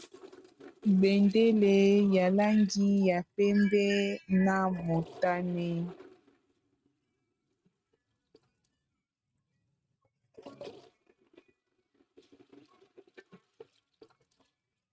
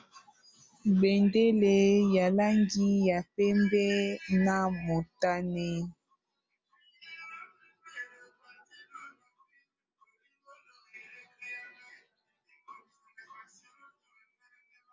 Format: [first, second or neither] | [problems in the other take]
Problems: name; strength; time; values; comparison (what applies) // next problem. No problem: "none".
second | noise reduction (neural mask model RNNoise)